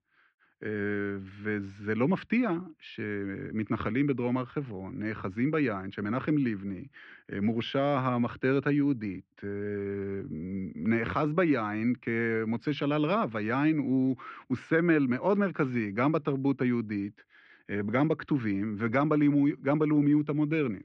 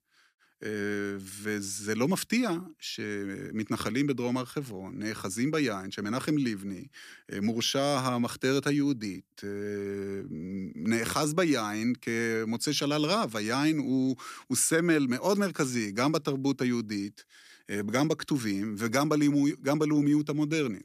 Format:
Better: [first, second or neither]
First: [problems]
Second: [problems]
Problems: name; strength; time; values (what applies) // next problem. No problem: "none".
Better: second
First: muffled; very; fading above 2.5 kHz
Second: none